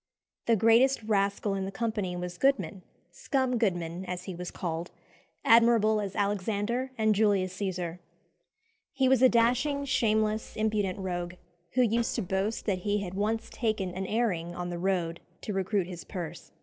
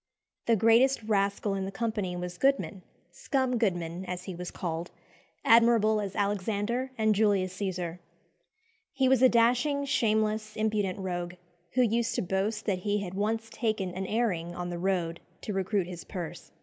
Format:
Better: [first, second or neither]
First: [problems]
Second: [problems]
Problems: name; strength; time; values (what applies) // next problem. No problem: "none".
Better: second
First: noise reduction (neural separator model SepFormer DNS4)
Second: none